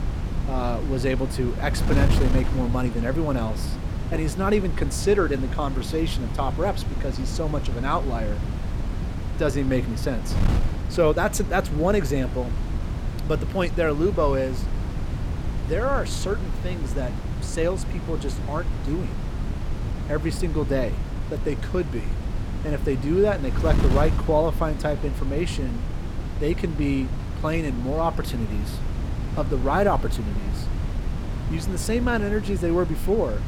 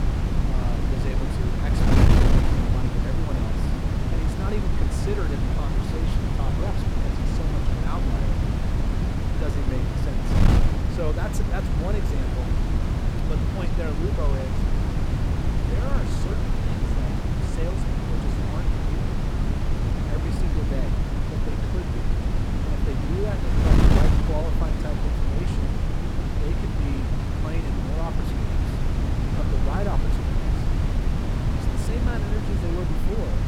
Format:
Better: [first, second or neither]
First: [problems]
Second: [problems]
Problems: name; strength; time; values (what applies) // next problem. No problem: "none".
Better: first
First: wind noise on the microphone; occasional gusts; 10 dB below the speech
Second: wind noise on the microphone; heavy; 4 dB above the speech